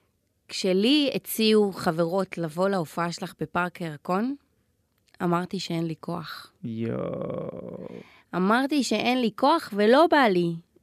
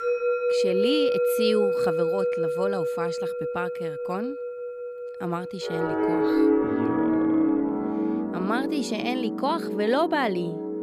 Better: first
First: none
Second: background music; very loud; throughout; 3 dB above the speech

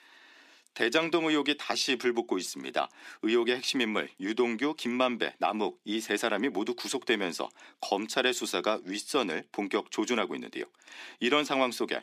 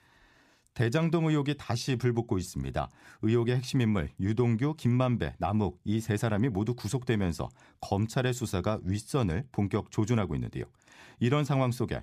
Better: second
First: thin; somewhat; fading below 250 Hz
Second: none

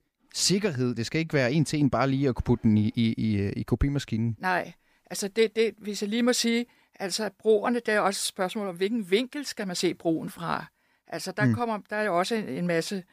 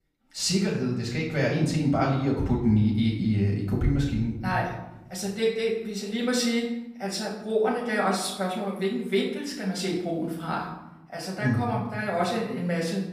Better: first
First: none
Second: off-mic speech; far // room echo; noticeable; dies away in 1 s

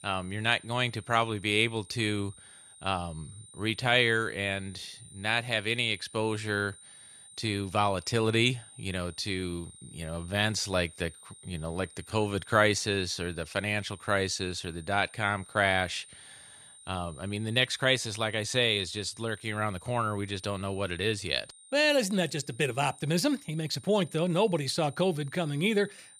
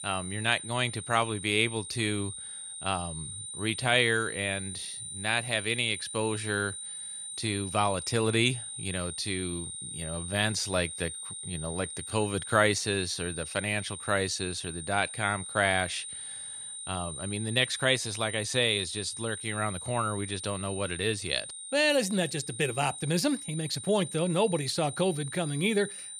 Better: first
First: high-pitched whine; faint; throughout; 9 kHz, 20 dB below the speech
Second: high-pitched whine; loud; throughout; 9 kHz, 8 dB below the speech

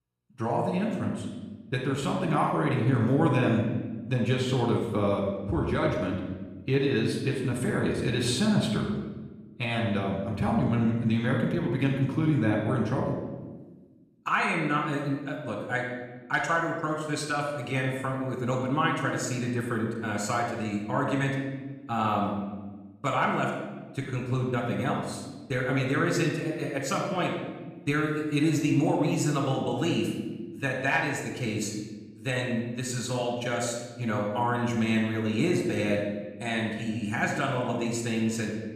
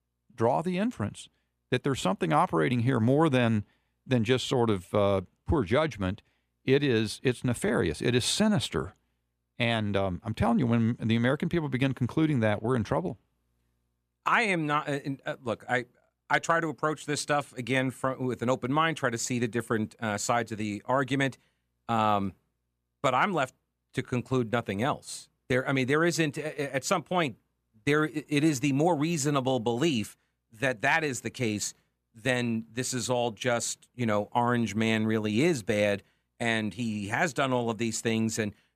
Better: second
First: off-mic speech; far // room echo; noticeable; dies away in 1.2 s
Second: none

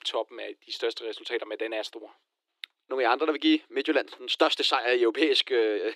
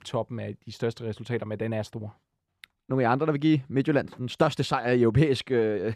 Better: second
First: thin; very; fading below 300 Hz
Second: none

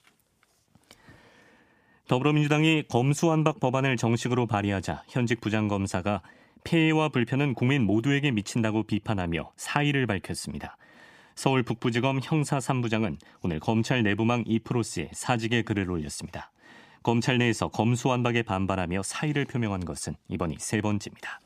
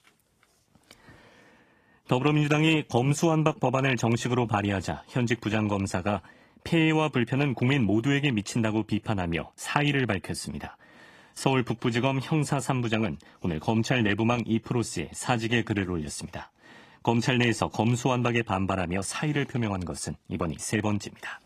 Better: first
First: none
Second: garbled, watery; slightly; nothing above 15 kHz

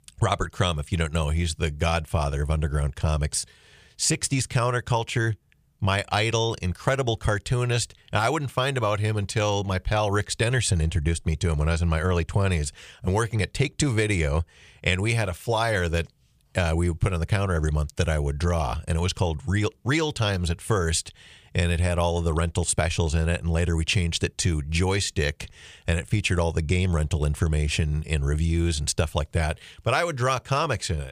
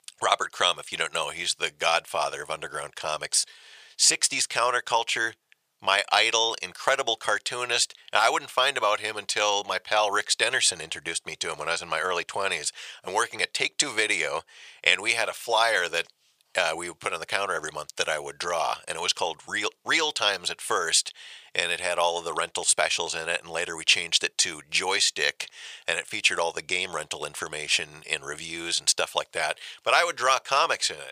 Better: first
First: none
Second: thin; very; fading below 700 Hz

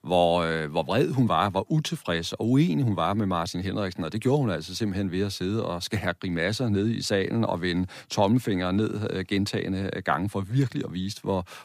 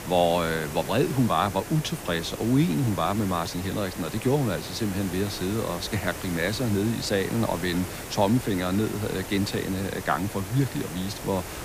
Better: first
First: none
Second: hiss; loud; throughout; 10 dB below the speech

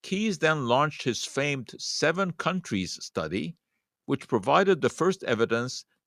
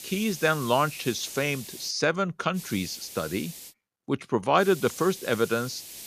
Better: first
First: none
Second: hiss; noticeable; until 2 s, from 2.5 to 3.5 s and from 4.5 s on; 15 dB below the speech

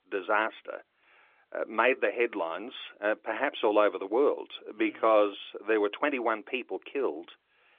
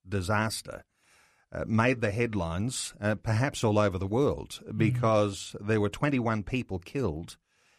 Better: second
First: phone-call audio; nothing above 3.5 kHz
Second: none

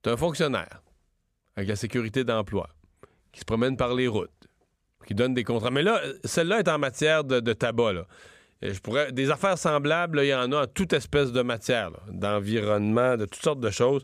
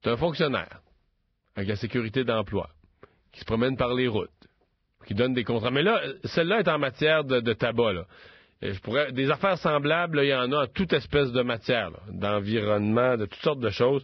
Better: first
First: none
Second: garbled, watery; badly; nothing above 5.5 kHz

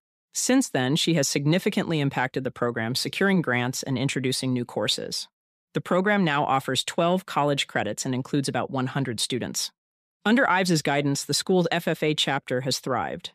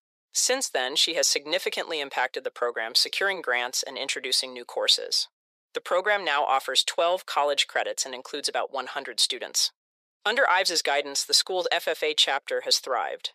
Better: first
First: none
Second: thin; very; fading below 500 Hz

